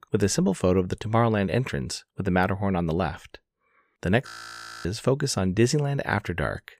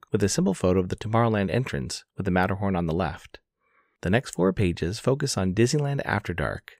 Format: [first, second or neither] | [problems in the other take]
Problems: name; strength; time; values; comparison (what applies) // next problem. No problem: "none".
second | audio freezing; at 4.5 s for 0.5 s